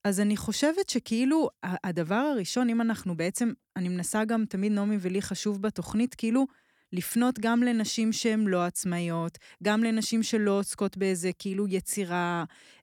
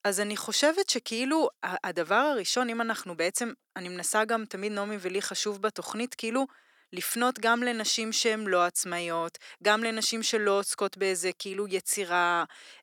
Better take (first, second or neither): first